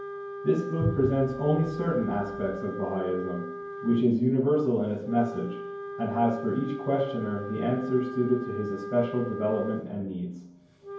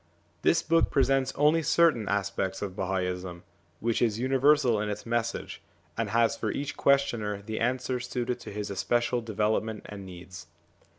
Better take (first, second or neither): second